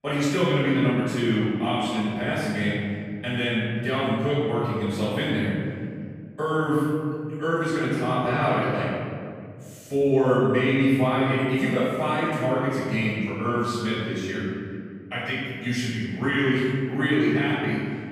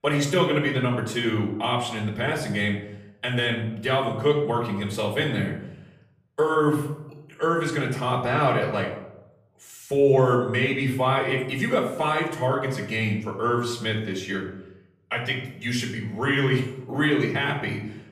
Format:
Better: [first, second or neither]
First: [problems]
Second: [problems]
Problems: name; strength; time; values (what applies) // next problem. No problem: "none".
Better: second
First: room echo; strong; dies away in 2.2 s // off-mic speech; far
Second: room echo; slight; dies away in 0.7 s // off-mic speech; far